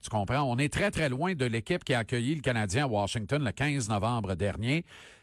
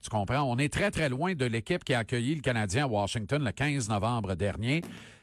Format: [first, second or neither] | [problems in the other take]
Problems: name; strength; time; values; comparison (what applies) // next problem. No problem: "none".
first | phone ringing; faint; at 5 s; peak 15 dB below the speech